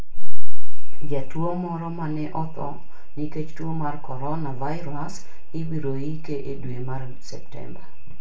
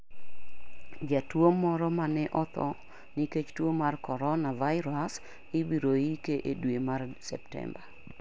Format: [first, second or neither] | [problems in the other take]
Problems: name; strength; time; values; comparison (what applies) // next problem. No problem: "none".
second | room echo; dies away in 0.3 s